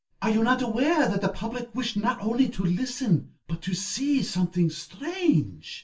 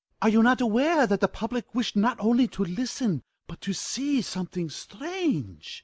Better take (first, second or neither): second